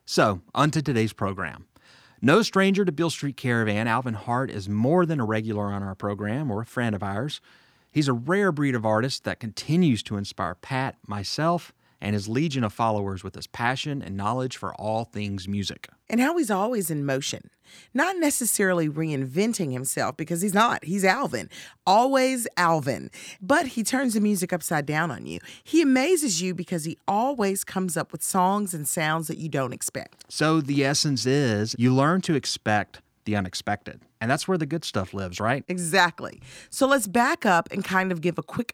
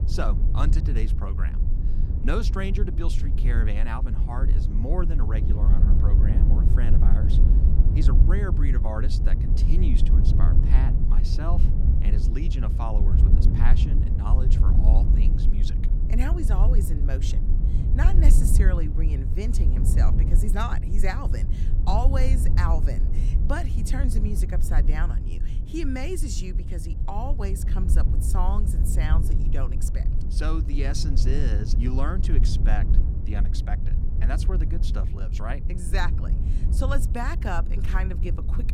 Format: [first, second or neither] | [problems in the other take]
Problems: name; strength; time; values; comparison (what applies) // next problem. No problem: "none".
first | wind noise on the microphone; heavy; 5 dB below the speech